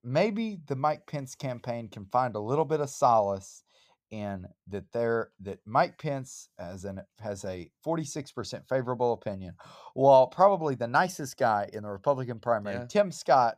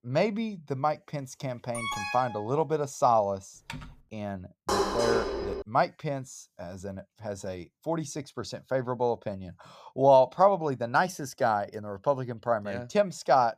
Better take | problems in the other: first | alarm; noticeable; at 1.5 s; peak 4 dB below the speech // keyboard typing; faint; at 3.5 s; peak 15 dB below the speech // clattering dishes; loud; at 4.5 s; peak 1 dB above the speech

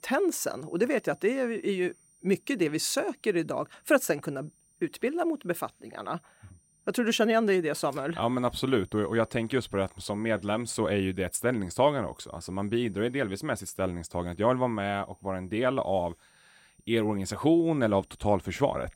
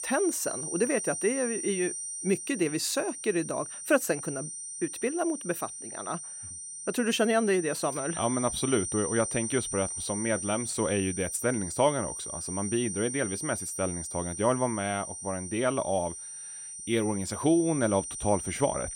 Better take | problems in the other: first | high-pitched whine; loud; throughout; 9 kHz, 5 dB below the speech; faint in the first

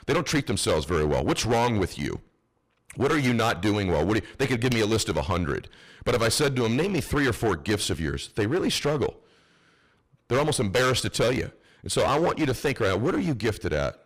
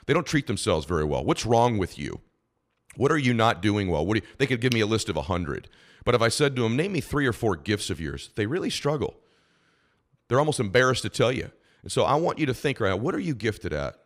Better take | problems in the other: second | distortion; heavy; 14% of the sound clipped

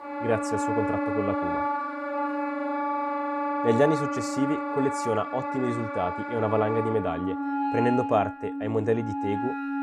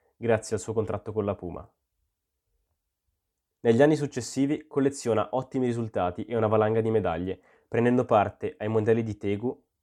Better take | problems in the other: second | background music; loud; throughout; 2 dB below the speech

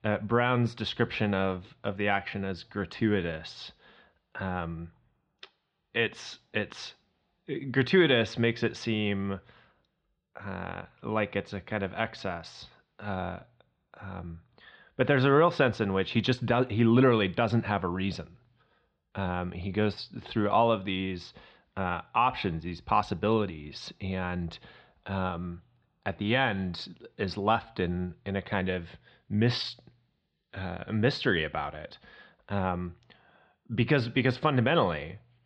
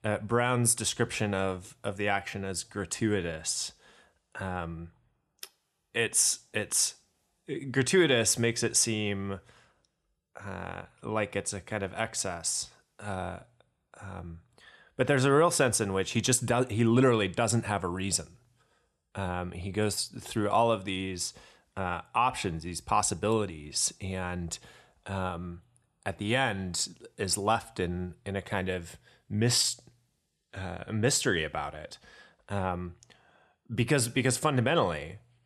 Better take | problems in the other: second | muffled; slightly; fading above 4 kHz

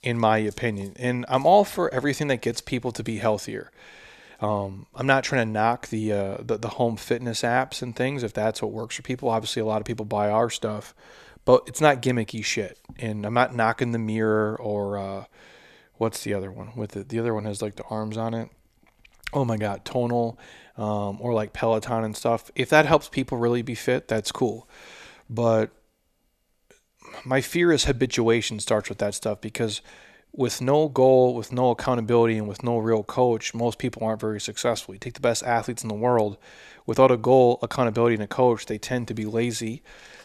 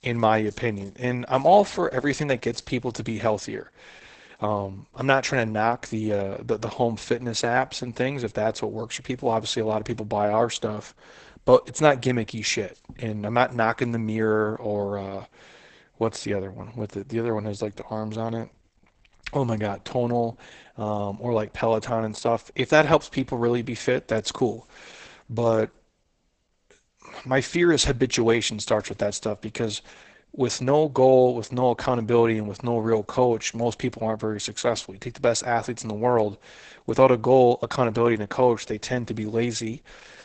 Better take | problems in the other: first | garbled, watery; badly; nothing above 8 kHz

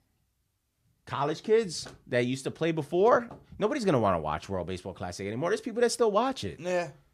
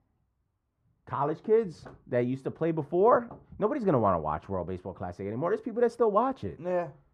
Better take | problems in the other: first | muffled; very; fading above 2.5 kHz

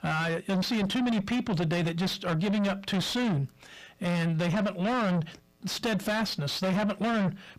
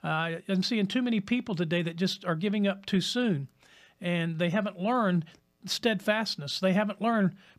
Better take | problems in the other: second | distortion; heavy; 6 dB below the speech

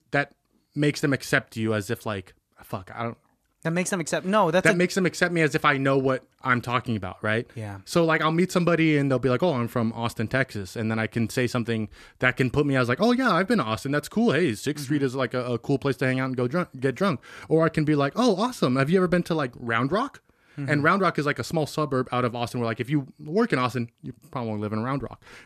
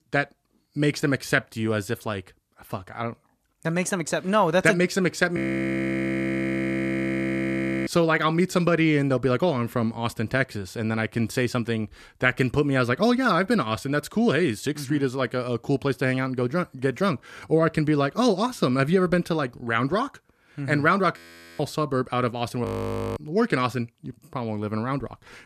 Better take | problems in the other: first | audio freezing; at 5.5 s for 2.5 s, at 21 s and at 23 s for 0.5 s

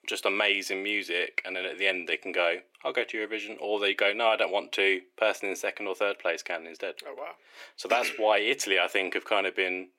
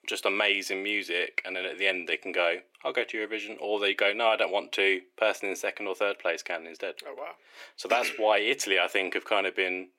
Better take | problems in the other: neither | thin; very; fading below 400 Hz; the same in both

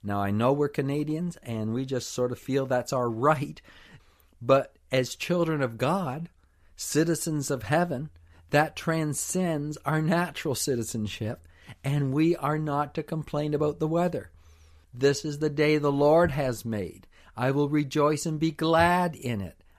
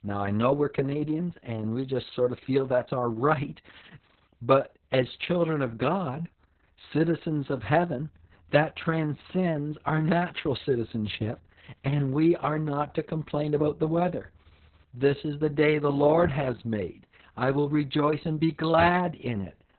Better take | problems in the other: first | garbled, watery; badly; nothing above 4 kHz

